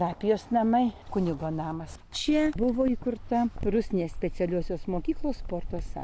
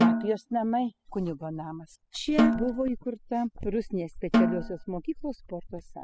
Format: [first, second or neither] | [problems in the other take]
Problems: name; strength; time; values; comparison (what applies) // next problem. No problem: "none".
first | noise reduction (classical method spectral subtraction)